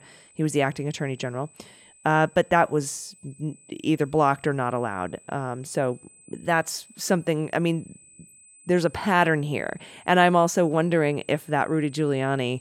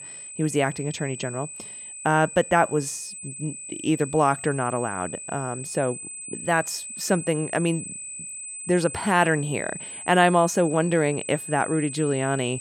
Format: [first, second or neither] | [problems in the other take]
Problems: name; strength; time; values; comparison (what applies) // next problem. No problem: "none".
first | high-pitched whine; loud; throughout; 8 kHz, 10 dB below the speech; faint in the first